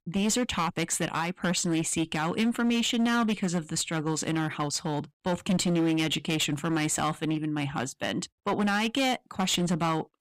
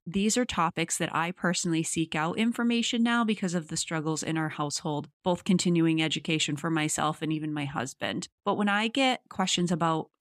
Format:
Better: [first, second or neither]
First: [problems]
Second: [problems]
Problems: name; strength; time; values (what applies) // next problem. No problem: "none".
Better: second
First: distortion; slight; 12% of the sound clipped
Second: none